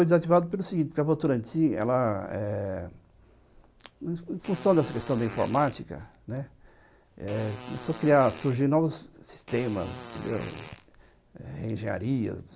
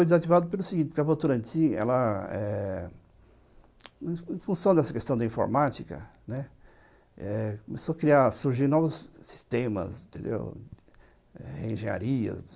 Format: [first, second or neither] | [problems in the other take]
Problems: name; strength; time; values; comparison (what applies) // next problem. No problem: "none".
second | background sound (Fart); 16 dB below the speech